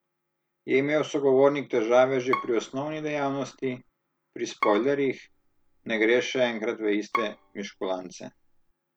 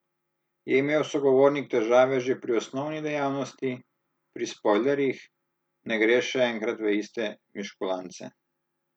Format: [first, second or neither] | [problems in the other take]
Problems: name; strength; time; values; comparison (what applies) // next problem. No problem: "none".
second | background sound (Bowed string instrument); 11 dB below the speech